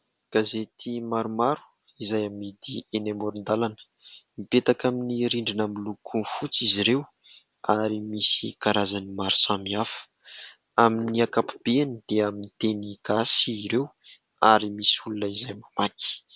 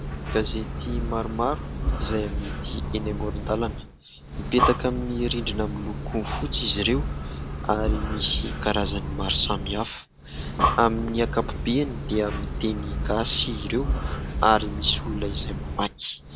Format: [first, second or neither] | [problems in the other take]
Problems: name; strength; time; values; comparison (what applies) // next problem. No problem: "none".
first | background sound (Breathing); 1 dB below the speech